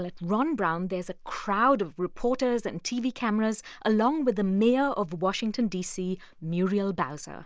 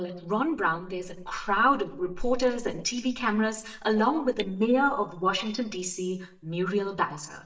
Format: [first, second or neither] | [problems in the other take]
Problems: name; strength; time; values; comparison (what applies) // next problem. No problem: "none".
first | noise reduction (neural mask model DeepFilterNet 3)